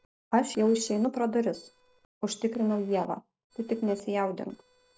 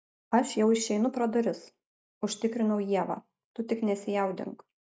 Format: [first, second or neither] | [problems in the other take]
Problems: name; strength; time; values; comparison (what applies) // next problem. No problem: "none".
second | noise reduction (neural separator model SepFormer DNS4)